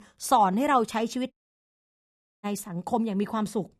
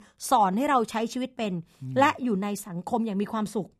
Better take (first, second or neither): second